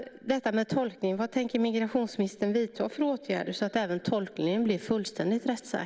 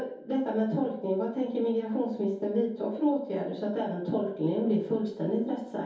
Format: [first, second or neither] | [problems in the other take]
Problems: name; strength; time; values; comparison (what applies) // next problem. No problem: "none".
first | room echo; dies away in 0.6 s